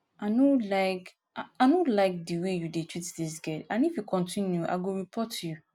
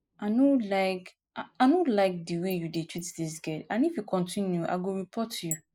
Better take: first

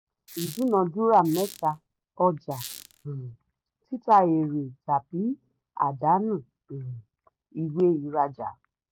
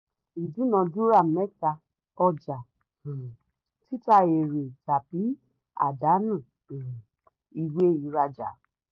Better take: second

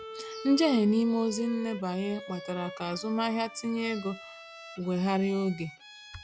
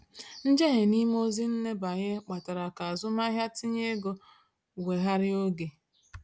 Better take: second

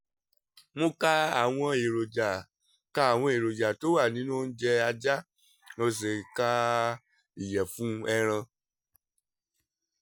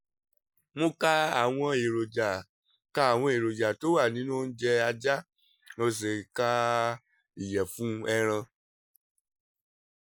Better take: first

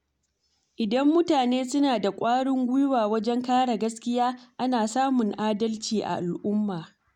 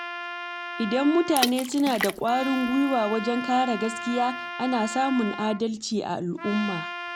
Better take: first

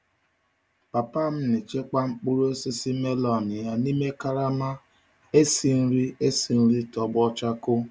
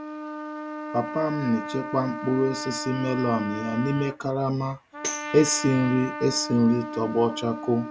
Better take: first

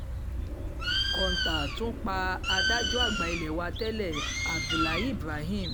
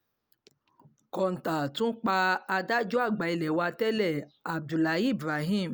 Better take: second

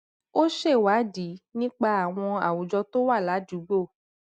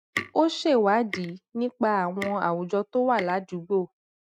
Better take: first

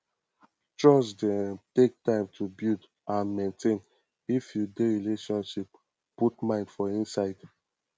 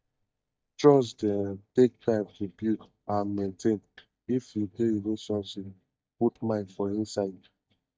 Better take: first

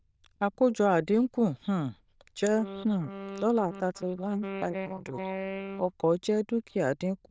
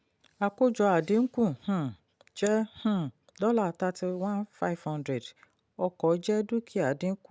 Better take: second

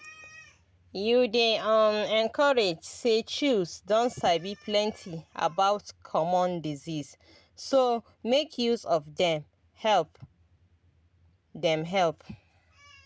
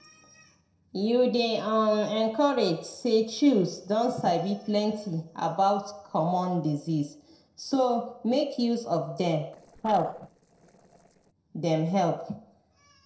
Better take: first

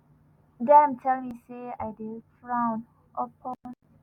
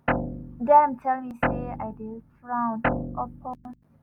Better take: first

